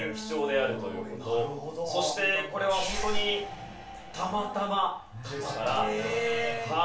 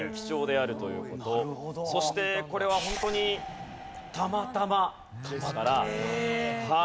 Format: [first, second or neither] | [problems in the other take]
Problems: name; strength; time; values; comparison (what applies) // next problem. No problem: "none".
second | room echo; dies away in 0.3 s